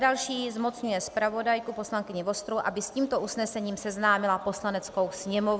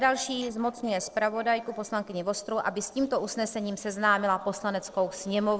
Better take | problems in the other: first | noise reduction (neural separator model SepFormer DNS4)

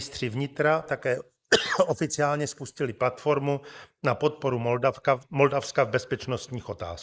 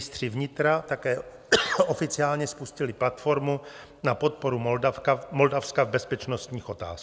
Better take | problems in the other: second | noise reduction (neural mask model Resemble Enhance denoiser)

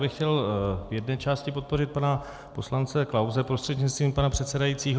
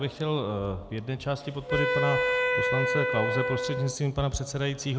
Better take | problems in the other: first | background sound (Wind instrument, woodwind instrument); 2 dB above the speech

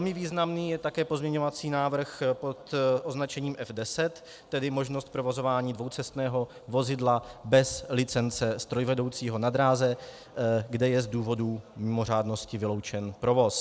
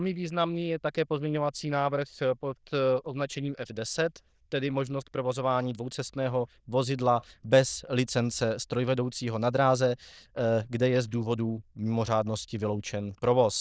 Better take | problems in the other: first | noise reduction (neural diffusion model UNIVERSE++)

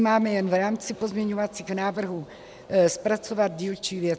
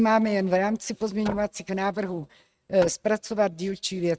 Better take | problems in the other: first | noise reduction (neural mask model RNNoise)

